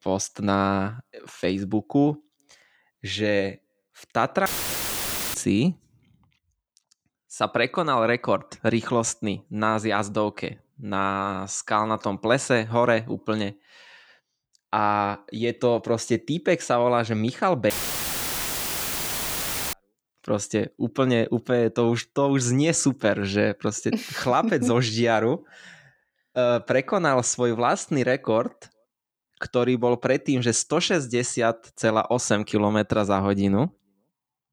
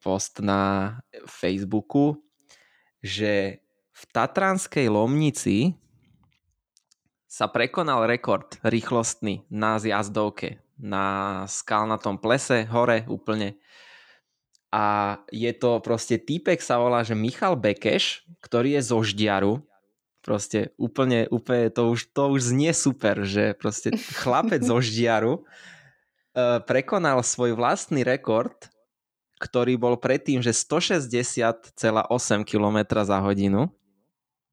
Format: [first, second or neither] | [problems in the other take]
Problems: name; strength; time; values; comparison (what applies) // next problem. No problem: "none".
second | audio cutting out; filled with static; at 4.5 s for 1 s and at 18 s for 2 s